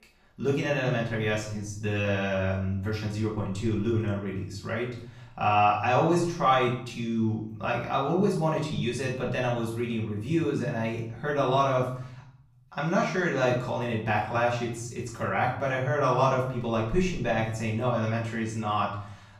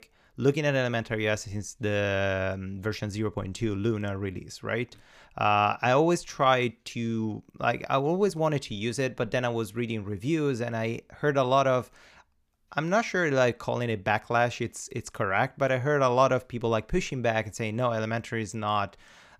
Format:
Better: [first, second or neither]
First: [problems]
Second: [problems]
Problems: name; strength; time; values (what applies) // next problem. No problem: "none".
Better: second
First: off-mic speech; far // room echo; noticeable; dies away in 0.8 s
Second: none